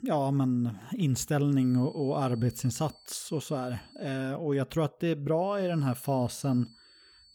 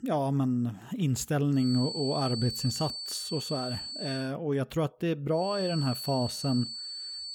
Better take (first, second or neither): first